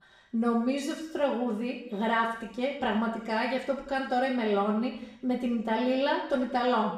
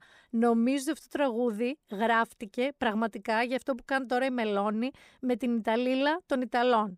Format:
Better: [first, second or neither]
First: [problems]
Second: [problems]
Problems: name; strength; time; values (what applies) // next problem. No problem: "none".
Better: second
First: room echo; noticeable; dies away in 0.7 s // off-mic speech; far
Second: none